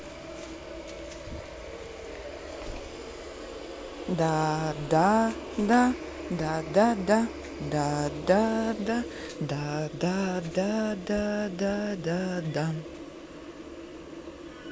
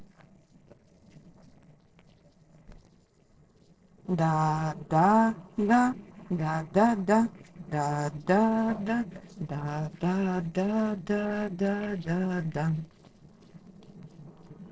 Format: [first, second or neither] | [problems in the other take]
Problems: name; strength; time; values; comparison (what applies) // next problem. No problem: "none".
first | noise reduction (neural separator model SepFormer DNS4)